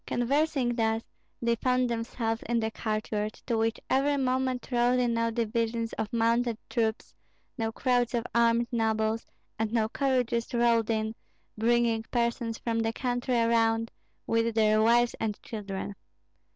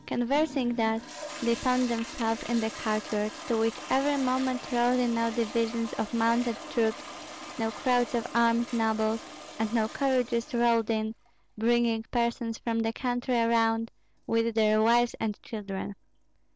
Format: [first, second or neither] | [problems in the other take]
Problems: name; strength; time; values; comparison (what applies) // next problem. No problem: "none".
first | background sound (Toilet flush); 15 dB below the speech